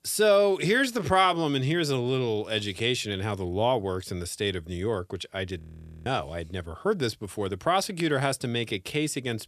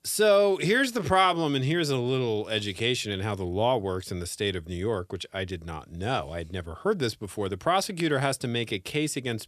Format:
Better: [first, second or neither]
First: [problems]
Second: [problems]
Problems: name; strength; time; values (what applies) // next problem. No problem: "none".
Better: second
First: audio freezing; at 5.5 s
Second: none